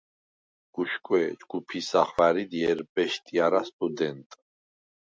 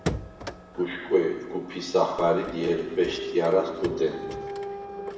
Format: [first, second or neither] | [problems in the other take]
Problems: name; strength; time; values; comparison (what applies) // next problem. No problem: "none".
first | background sound (Printer); 9 dB below the speech // room echo; dies away in 1 s